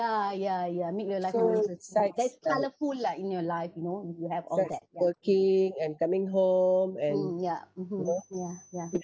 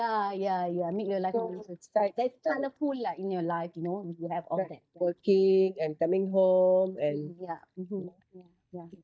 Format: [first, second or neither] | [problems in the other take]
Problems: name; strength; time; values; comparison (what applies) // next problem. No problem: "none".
first | noise reduction (neural mask model DeepFilterNet 3)